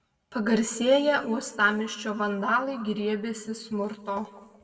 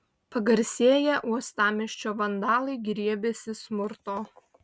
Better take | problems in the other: second | room echo; dies away in 1.4 s

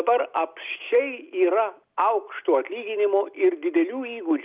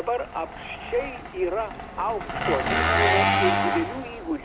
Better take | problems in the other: first | background sound (Engine); 3 dB above the speech

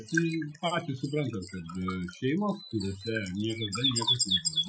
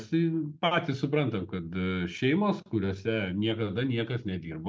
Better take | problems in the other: second | noise reduction (classical method Wiener filter)

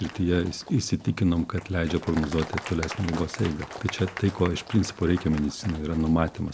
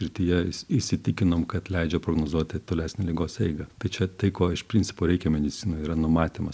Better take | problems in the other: second | background sound (Applause); 14 dB below the speech

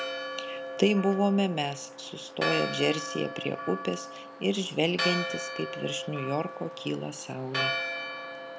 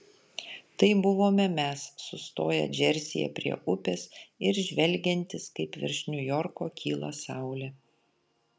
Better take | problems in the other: second | background sound (Church bell); 5 dB below the speech

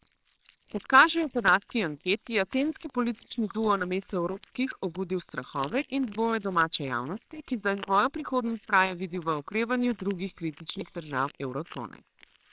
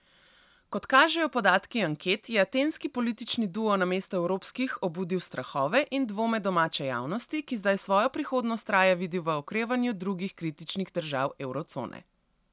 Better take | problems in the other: second | noise reduction (neural separator model SepFormer WHAMR!)

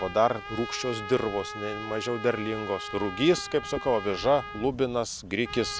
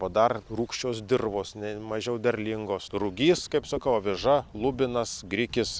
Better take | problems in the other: second | background sound (Trumpet); 11 dB below the speech

